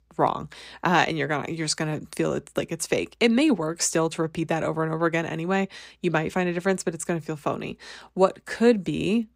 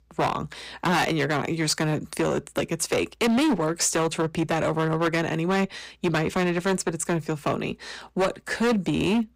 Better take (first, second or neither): first